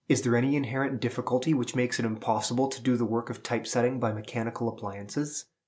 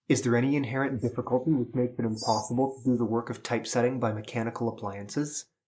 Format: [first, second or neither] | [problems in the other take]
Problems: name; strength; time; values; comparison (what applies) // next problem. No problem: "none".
first | noise reduction (neural mask model Resemble Enhance denoiser)